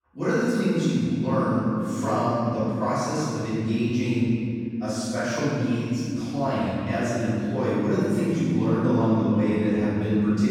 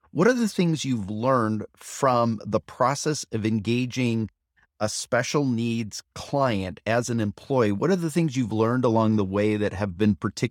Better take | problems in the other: second | room echo; strong; dies away in 3 s // off-mic speech; far

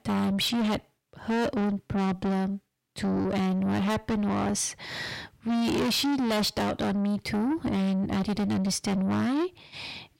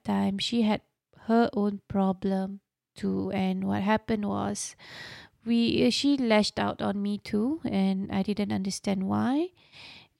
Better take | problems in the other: second | distortion; heavy; 5 dB below the speech

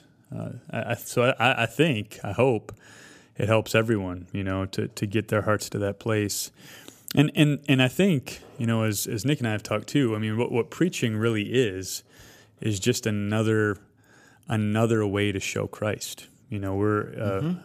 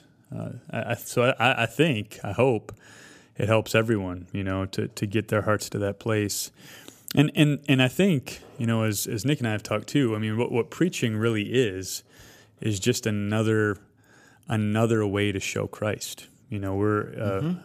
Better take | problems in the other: neither | none

